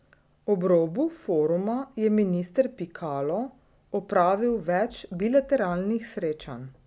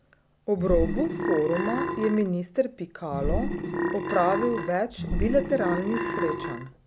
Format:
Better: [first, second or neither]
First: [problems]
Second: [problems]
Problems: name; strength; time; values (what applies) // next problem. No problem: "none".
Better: first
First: none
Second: background sound (Burping, eructation); 2 dB below the speech